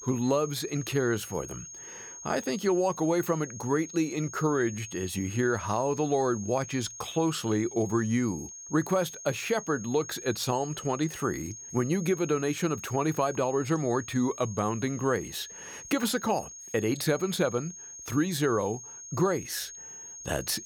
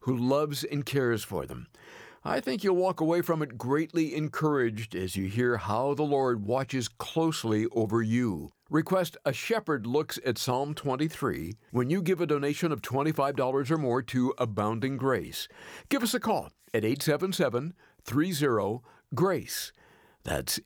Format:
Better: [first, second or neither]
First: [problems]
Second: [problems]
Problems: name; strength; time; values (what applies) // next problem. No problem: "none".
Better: second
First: high-pitched whine; noticeable; throughout; 6.5 kHz, 10 dB below the speech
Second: none